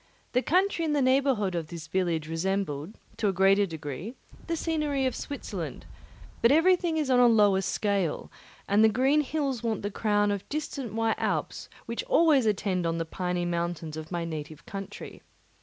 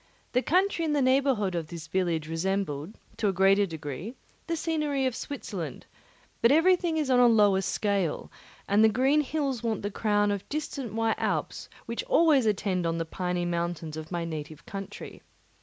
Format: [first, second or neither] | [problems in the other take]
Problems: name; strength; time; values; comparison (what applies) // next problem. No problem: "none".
second | background sound (Wind); 17 dB below the speech